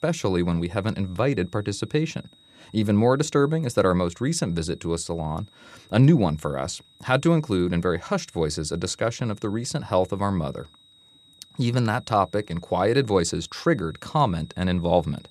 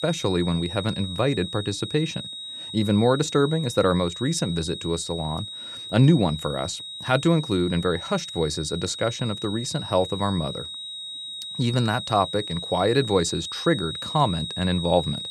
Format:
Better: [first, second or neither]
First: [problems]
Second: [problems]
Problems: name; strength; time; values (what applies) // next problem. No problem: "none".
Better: first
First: high-pitched whine; faint; throughout; 4 kHz, 30 dB below the speech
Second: high-pitched whine; loud; throughout; 4 kHz, 8 dB below the speech